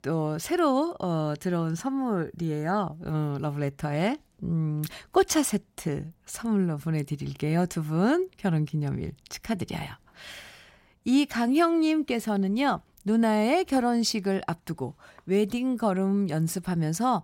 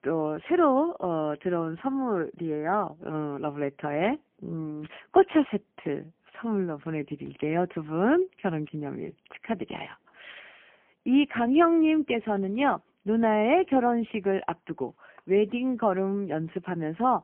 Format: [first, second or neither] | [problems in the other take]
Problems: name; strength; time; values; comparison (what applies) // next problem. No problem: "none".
first | phone-call audio; poor line; nothing above 3 kHz